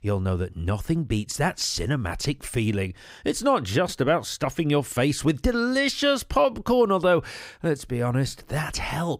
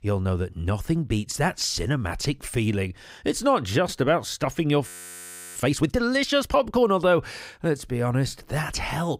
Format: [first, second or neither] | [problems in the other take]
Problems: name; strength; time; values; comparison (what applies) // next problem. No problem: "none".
first | audio freezing; at 5 s for 0.5 s